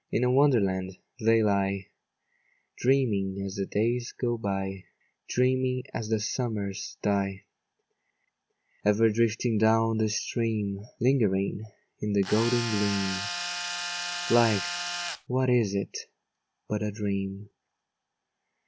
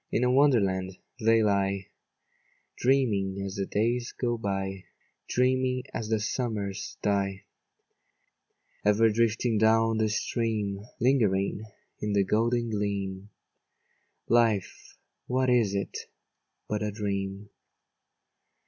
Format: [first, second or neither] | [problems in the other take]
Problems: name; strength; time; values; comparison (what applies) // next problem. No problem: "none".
second | background sound (Tools); 5 dB below the speech